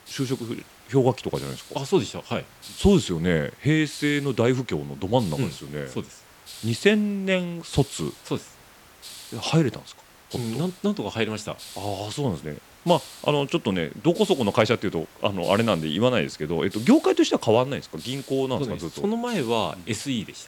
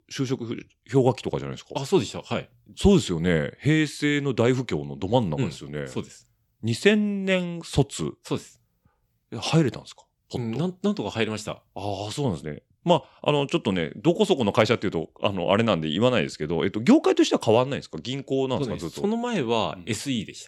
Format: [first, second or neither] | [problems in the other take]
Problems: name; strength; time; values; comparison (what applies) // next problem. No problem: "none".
second | hiss; noticeable; throughout; 20 dB below the speech